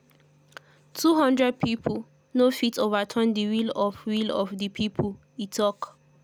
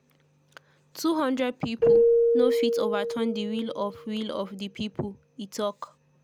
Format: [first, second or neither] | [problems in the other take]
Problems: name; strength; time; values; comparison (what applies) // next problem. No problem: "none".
first | background sound (Keyboard (musical)); 3 dB above the speech